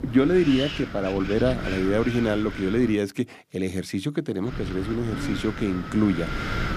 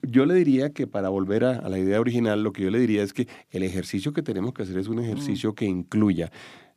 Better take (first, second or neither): second